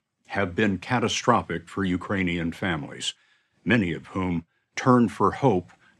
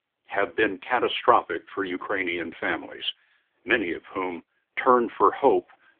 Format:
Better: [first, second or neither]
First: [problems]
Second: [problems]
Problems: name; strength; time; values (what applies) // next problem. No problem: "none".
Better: first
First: none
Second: phone-call audio; poor line; nothing above 3.5 kHz